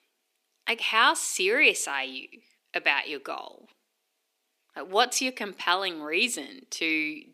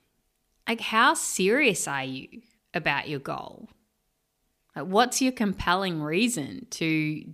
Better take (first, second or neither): second